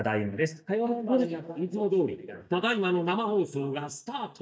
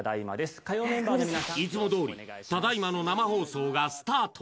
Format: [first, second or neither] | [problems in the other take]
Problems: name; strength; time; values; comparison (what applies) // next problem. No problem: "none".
second | noise reduction (neural mask model DeepFilterNet 3)